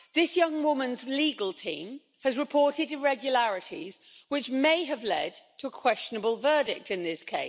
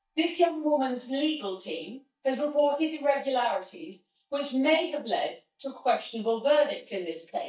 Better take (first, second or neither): first